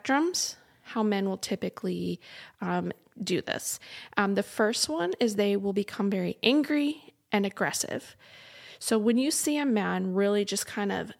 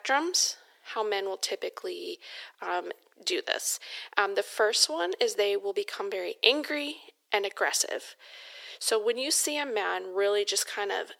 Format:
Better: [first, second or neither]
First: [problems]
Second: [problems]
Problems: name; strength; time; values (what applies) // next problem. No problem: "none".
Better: first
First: none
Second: thin; very; fading below 350 Hz